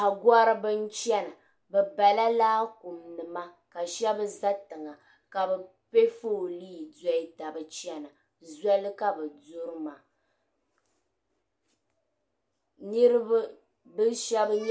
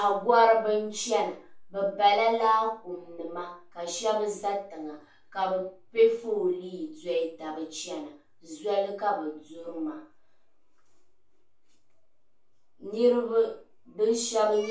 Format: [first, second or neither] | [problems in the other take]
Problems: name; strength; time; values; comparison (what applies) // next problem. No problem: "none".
first | room echo; dies away in 0.3 s